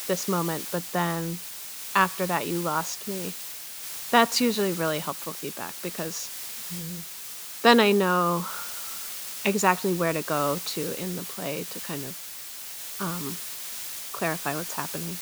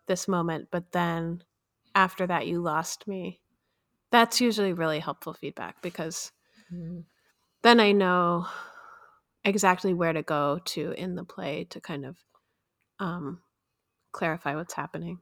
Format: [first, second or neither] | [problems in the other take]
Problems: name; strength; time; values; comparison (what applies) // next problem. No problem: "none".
second | hiss; loud; throughout; 7 dB below the speech